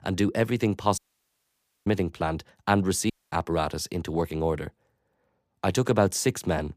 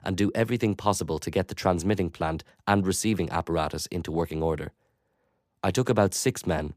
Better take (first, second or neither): second